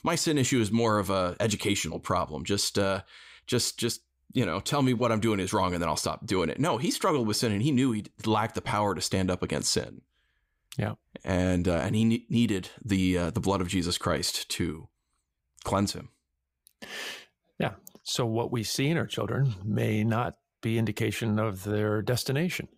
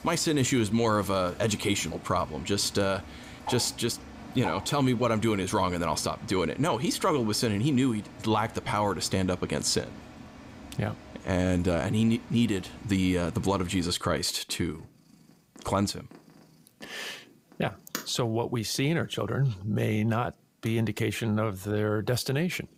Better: first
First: none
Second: animal sounds; noticeable; throughout; 15 dB below the speech

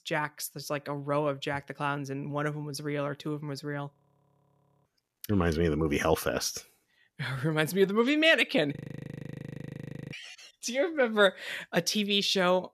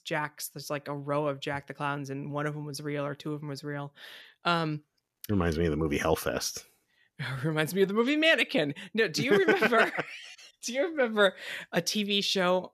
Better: second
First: audio freezing; at 4 s for 1 s and at 9 s for 1.5 s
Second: none

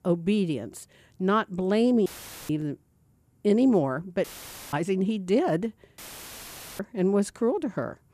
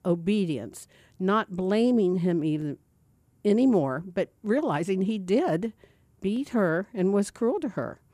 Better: second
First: audio cutting out; filled with static; at 2 s, at 4 s and at 6 s for 1 s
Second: none

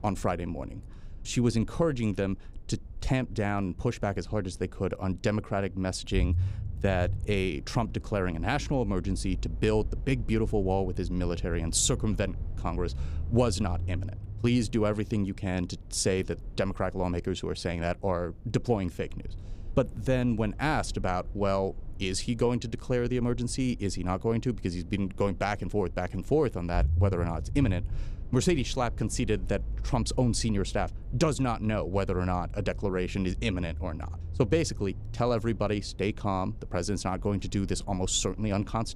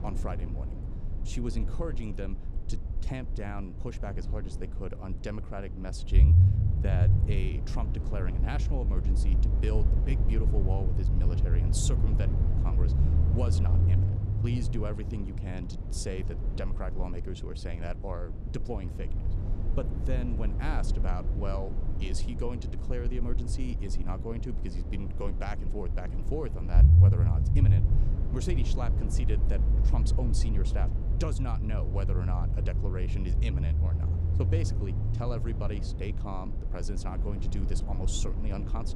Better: first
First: low rumble; faint; throughout; 25 dB below the speech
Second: low rumble; loud; throughout; 3 dB below the speech

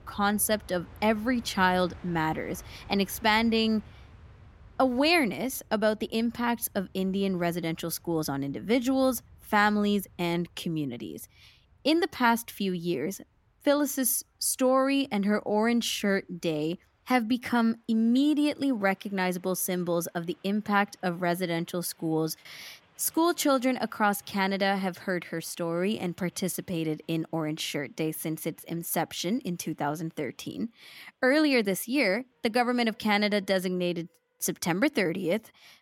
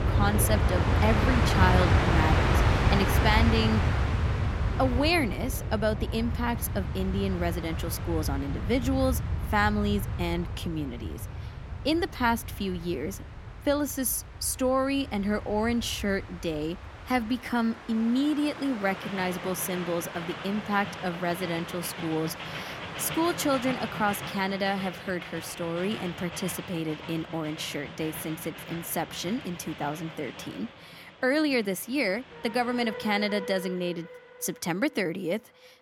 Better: first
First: train or aircraft noise; faint; throughout; 30 dB below the speech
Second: train or aircraft noise; loud; throughout; 2 dB below the speech

